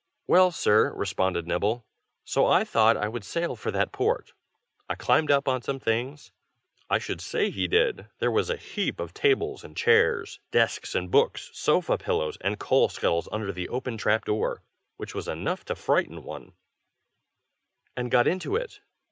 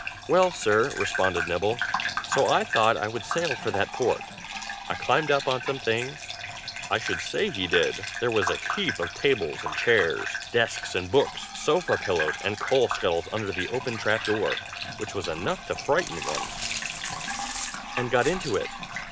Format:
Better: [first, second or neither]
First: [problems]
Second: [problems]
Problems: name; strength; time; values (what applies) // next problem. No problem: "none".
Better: first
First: none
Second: background sound (Bathtub (filling or washing) / Gurgling + Glass); 6 dB below the speech